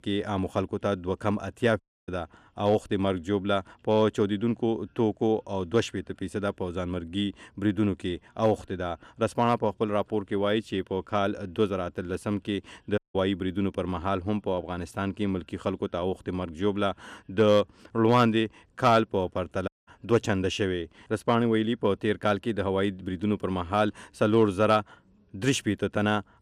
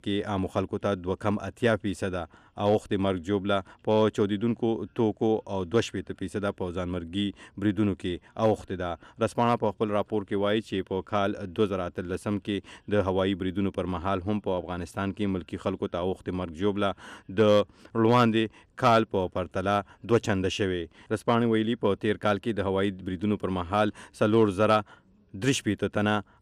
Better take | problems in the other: second | audio cutting out; at 2 s, at 13 s and at 20 s

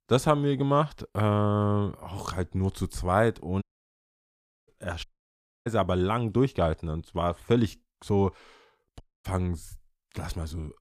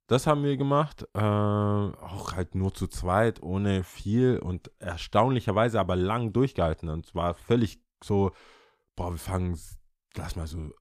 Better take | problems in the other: second | audio cutting out; at 3.5 s for 1 s, at 5 s for 0.5 s and at 9 s

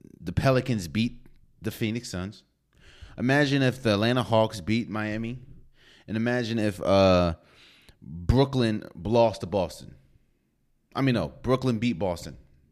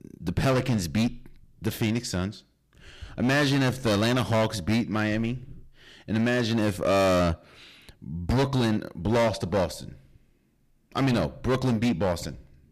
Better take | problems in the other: first | distortion; heavy; 14% of the sound clipped

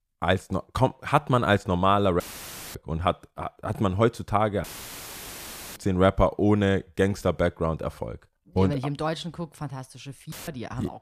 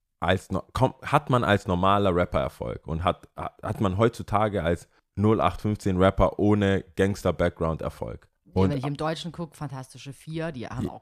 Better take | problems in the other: second | audio cutting out; filled with static; at 2 s for 0.5 s, at 4.5 s for 1 s and at 10 s

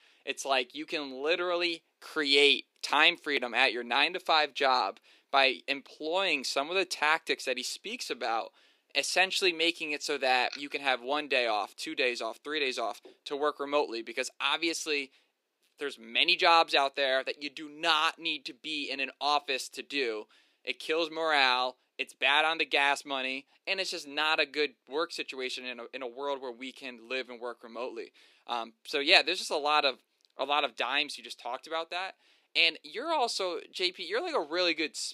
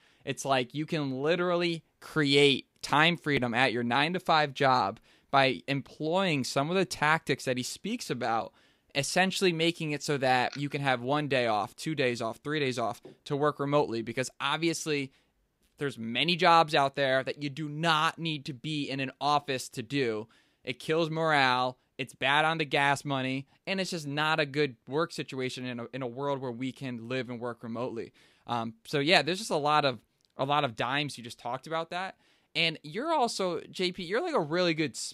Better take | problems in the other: second | thin; somewhat; fading below 300 Hz

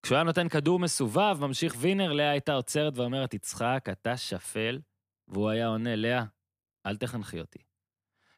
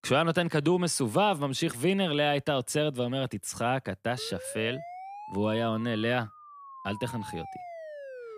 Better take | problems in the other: first | siren; faint; from 4 s on; peak 15 dB below the speech

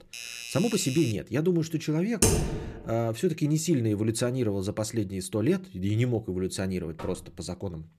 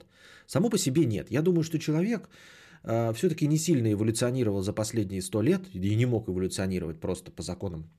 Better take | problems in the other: second | doorbell; noticeable; until 1 s; peak 7 dB below the speech // keyboard typing; loud; at 2 s; peak 5 dB above the speech // door banging; faint; at 7 s; peak 15 dB below the speech

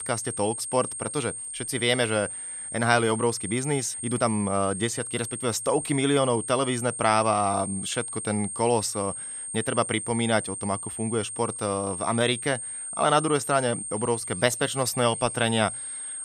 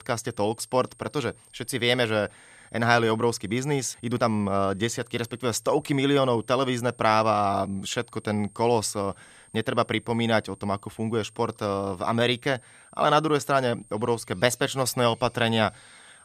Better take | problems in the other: second | high-pitched whine; loud; throughout; 8.5 kHz, 6 dB below the speech; faint in the second

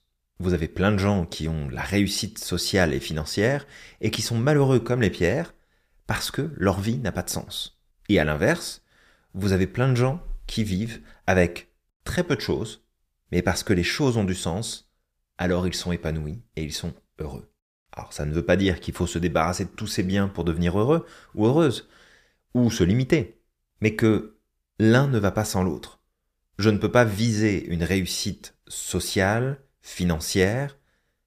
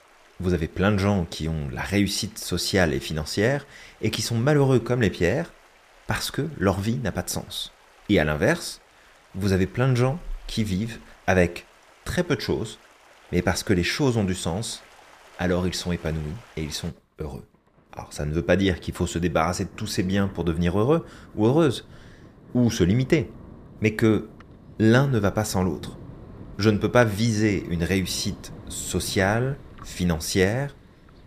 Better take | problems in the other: first | rain or running water; faint; throughout; 25 dB below the speech

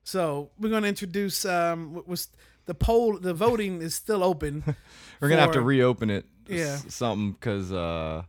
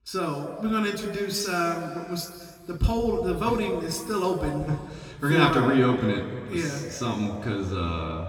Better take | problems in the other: first | room echo; noticeable; dies away in 2 s // off-mic speech; somewhat distant

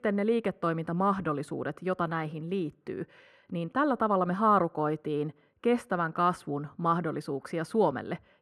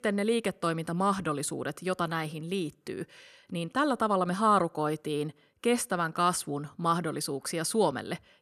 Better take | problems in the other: second | muffled; very; fading above 3.5 kHz

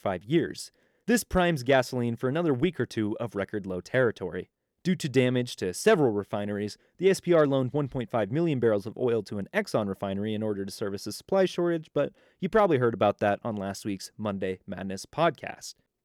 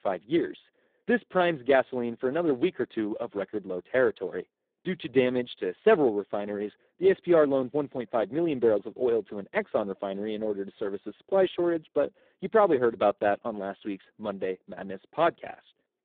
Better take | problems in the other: first | phone-call audio; poor line; nothing above 3.5 kHz

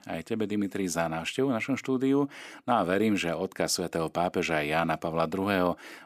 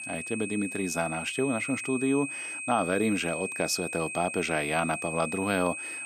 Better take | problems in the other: first | high-pitched whine; loud; throughout; 2.5 kHz, 5 dB below the speech

